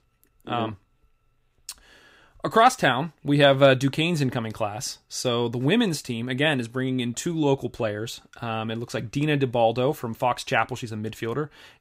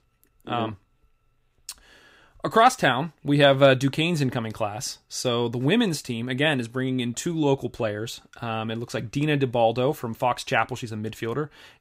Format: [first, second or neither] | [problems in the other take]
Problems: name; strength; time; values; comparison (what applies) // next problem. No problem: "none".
neither | none